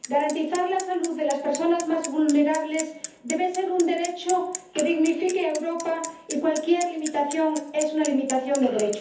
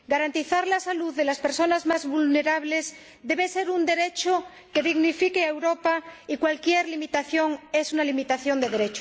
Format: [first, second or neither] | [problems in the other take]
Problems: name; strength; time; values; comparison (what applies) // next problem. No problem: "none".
second | background sound (Bicycle); 14 dB below the speech // room echo; dies away in 0.5 s